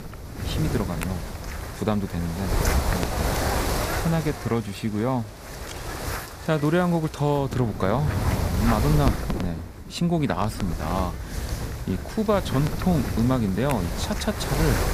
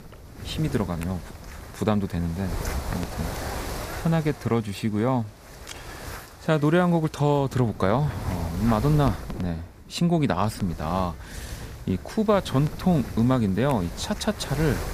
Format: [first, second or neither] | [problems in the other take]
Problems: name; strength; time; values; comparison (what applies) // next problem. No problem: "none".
second | wind noise on the microphone; heavy; 4 dB below the speech; occasional gusts in the second